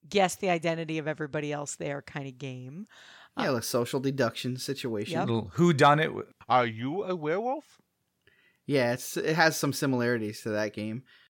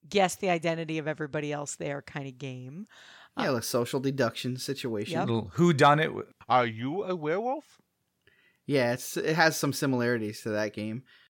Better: neither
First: none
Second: none

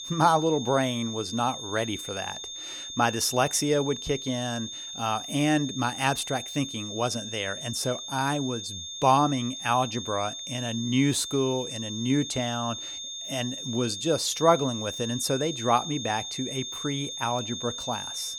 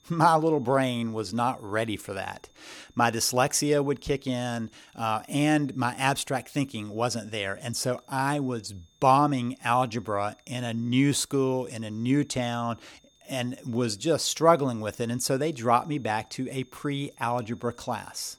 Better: second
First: high-pitched whine; loud; throughout; 3.5 kHz, 7 dB below the speech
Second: high-pitched whine; faint; throughout; 3.5 kHz, 35 dB below the speech

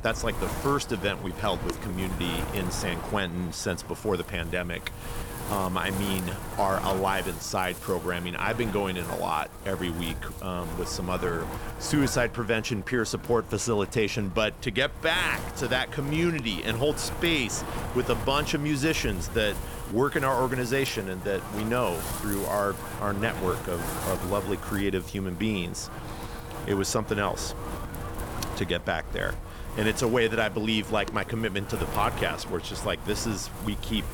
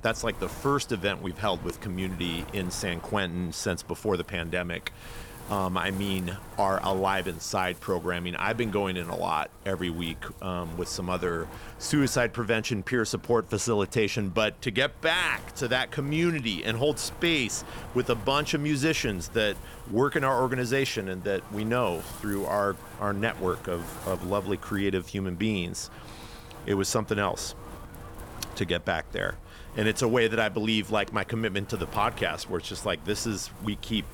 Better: second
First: wind noise on the microphone; heavy; 10 dB below the speech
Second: wind noise on the microphone; occasional gusts; 15 dB below the speech

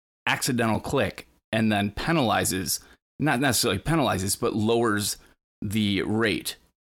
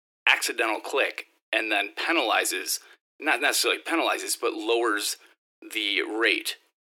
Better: first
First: none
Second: thin; very; fading below 300 Hz

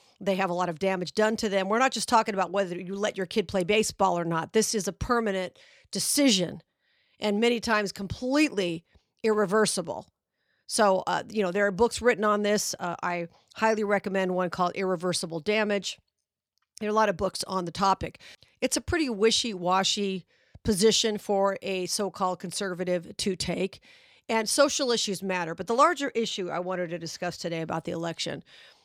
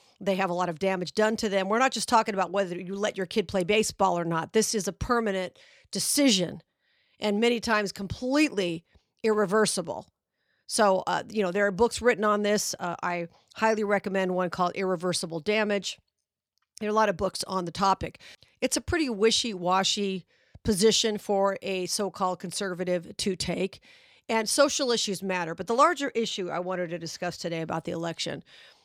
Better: neither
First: none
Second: none

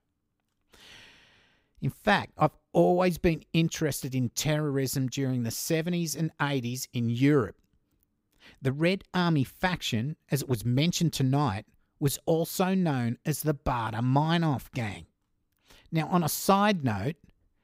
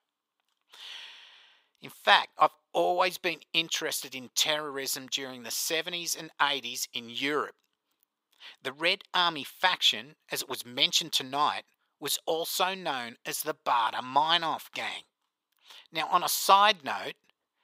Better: first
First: none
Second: thin; very; fading below 650 Hz

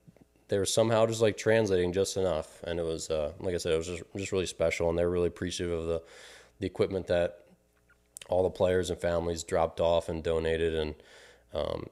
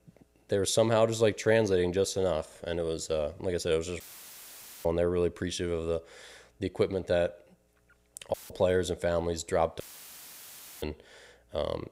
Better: first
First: none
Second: audio cutting out; filled with static; at 4 s for 1 s, at 8.5 s and at 10 s for 1 s

